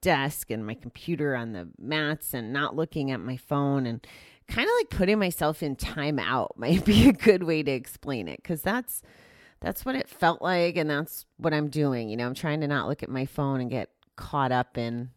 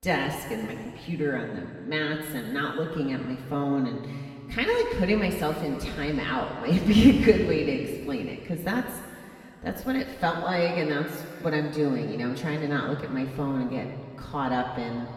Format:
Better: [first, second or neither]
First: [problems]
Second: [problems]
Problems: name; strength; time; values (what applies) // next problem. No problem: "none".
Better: first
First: none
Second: room echo; noticeable; dies away in 2.3 s // off-mic speech; far